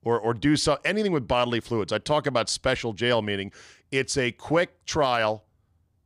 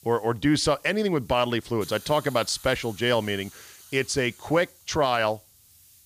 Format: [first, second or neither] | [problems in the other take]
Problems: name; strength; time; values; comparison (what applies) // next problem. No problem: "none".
first | hiss; faint; throughout; 20 dB below the speech